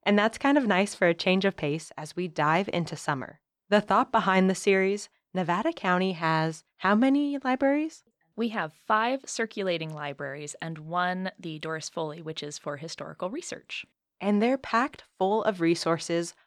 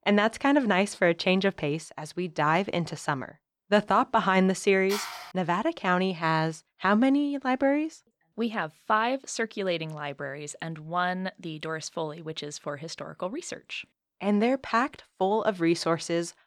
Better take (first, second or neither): first